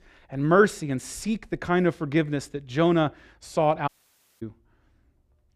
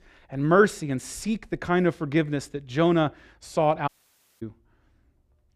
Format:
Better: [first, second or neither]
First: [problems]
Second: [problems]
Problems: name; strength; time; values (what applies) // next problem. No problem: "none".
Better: neither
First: audio cutting out; at 4 s for 0.5 s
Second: audio cutting out; at 4 s for 0.5 s